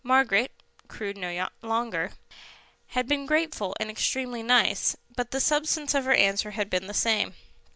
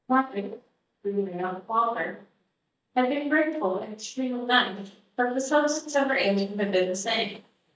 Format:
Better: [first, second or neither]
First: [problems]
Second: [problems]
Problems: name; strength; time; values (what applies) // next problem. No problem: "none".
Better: first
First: none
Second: noise reduction (neural mask model DeepFilterNet 3)